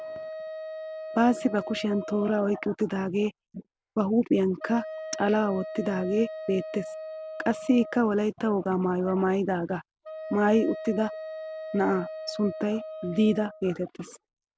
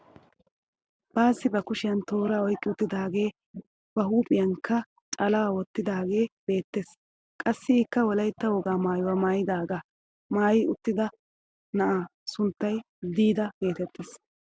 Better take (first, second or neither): second